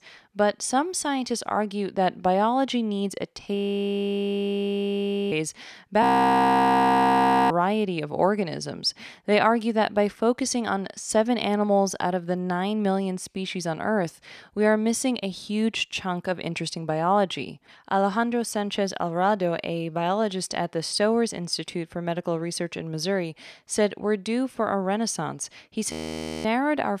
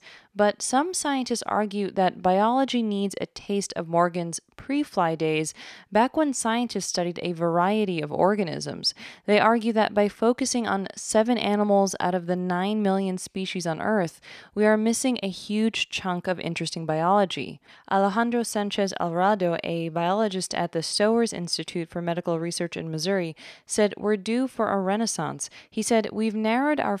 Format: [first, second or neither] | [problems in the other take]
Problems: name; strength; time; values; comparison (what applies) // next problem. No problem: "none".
second | audio freezing; at 3.5 s for 2 s, at 6 s for 1.5 s and at 26 s for 0.5 s